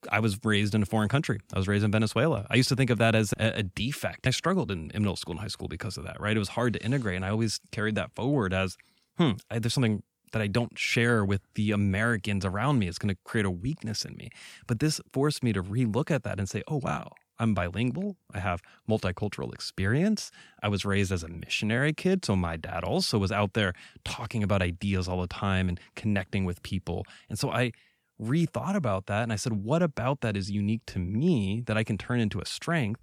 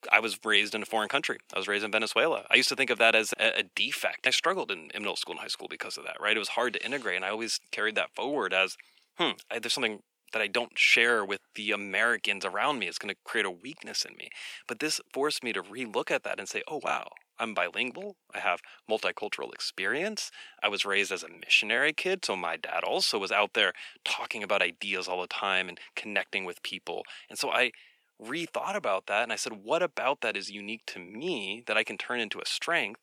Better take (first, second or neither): first